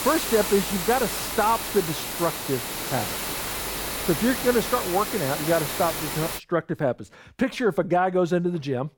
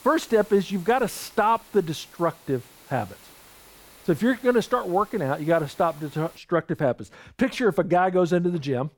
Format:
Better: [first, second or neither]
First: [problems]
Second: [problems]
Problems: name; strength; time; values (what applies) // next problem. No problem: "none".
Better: second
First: hiss; loud; until 6.5 s; 3 dB below the speech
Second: hiss; faint; until 6.5 s; 25 dB below the speech